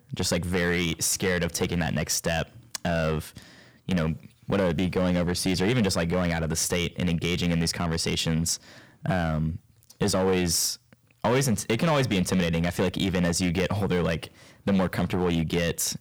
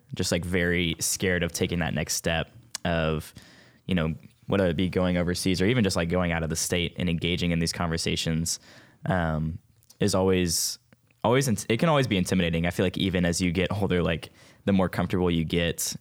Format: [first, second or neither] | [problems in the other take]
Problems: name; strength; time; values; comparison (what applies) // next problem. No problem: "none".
second | distortion; slight; 7% of the sound clipped